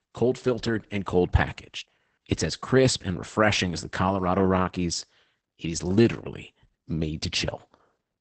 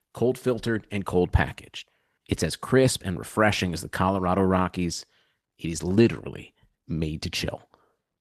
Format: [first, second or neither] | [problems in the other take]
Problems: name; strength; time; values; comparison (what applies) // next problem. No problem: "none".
second | garbled, watery; badly; nothing above 8 kHz; slightly in the second